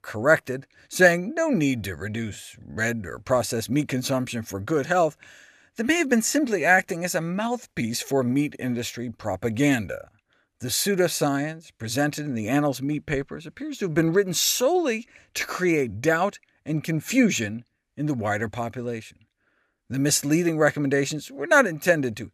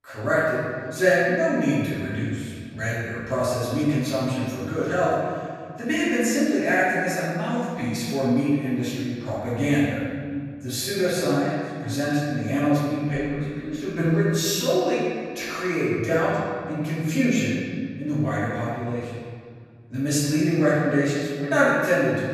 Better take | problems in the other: first | off-mic speech; far // room echo; strong; dies away in 1.9 s

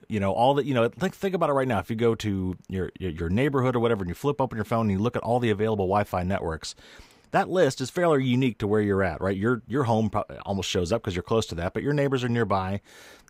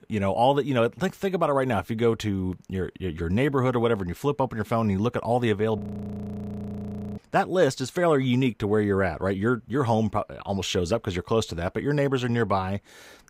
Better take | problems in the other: first | audio freezing; at 6 s for 1.5 s

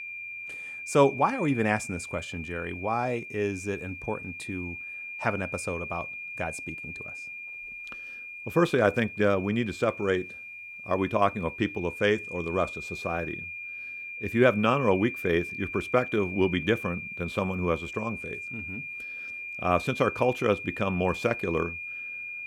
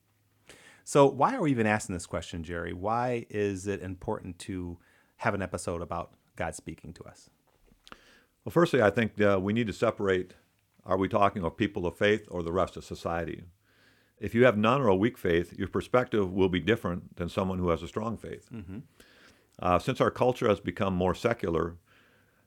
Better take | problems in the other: second | high-pitched whine; loud; throughout; 2.5 kHz, 8 dB below the speech

